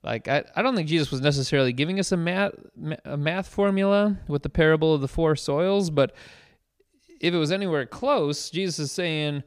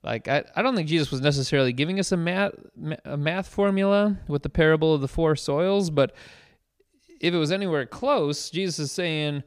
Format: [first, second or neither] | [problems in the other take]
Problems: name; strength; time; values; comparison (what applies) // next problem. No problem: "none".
neither | none